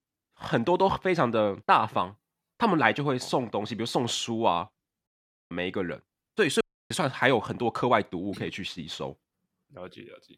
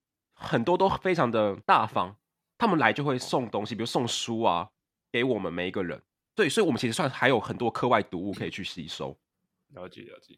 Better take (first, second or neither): second